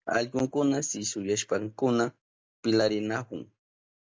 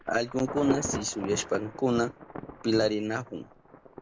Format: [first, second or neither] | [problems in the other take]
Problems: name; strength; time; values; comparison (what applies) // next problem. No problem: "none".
first | background sound (Thunder / Traffic noise, roadway noise / Rain / Insect); 9 dB below the speech